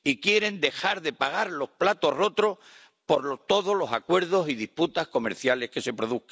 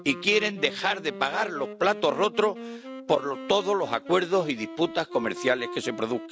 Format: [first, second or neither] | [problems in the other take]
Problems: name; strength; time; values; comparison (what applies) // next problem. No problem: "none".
first | background sound (Wind instrument, woodwind instrument); 13 dB below the speech